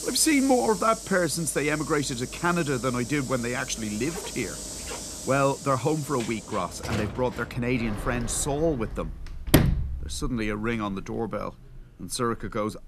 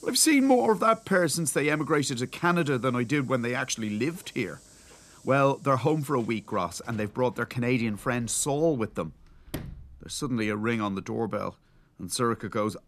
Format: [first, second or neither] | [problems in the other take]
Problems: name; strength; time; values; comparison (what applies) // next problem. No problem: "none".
second | household noises; loud; throughout; 6 dB below the speech; faint in the second